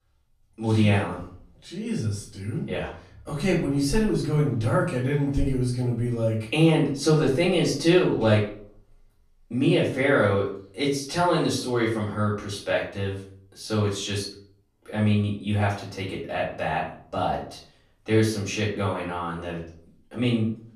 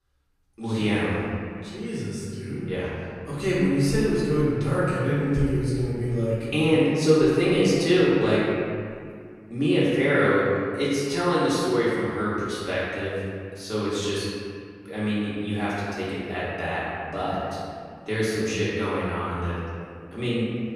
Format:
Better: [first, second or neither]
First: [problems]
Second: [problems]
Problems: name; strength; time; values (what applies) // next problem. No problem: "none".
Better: first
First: room echo; slight; dies away in 0.4 s // off-mic speech; far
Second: room echo; strong; dies away in 2.1 s // off-mic speech; far